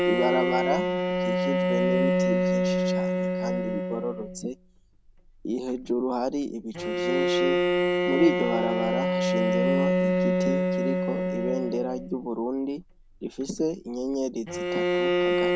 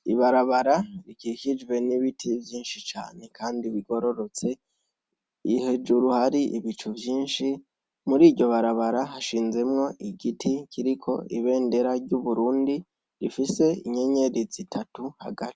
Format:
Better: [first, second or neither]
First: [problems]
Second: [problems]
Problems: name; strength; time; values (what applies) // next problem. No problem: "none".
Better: second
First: background sound (Bowed string instrument); 4 dB above the speech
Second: none